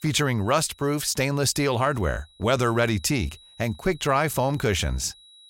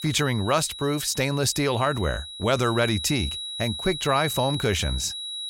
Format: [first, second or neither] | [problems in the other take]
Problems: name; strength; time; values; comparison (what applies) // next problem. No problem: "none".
first | high-pitched whine; loud; throughout; 4 kHz, 7 dB below the speech; faint in the first